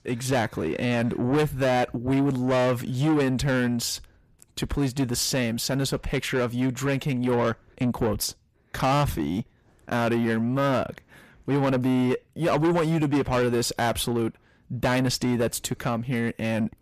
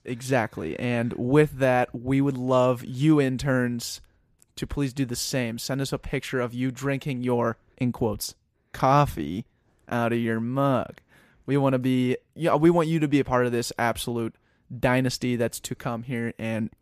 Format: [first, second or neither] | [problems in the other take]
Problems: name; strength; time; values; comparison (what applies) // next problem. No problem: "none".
second | distortion; heavy; 7 dB below the speech